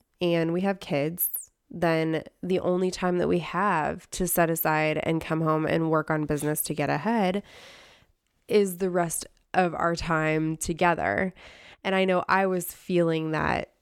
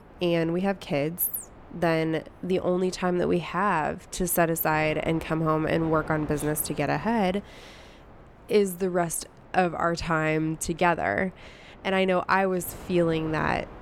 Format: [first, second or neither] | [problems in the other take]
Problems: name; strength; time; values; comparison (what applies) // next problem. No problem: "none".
first | wind noise on the microphone; occasional gusts; 20 dB below the speech